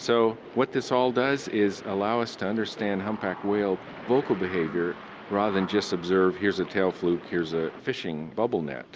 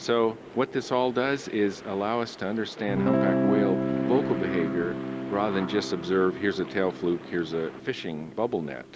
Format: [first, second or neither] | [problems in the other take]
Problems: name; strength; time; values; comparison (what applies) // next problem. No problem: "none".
first | background sound (Guitar); 4 dB below the speech